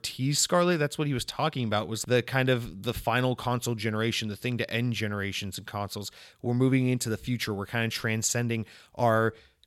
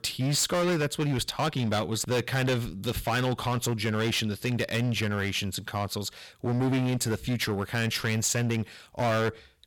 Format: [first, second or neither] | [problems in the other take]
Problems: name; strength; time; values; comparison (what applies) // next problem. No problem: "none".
first | distortion; heavy; 16% of the sound clipped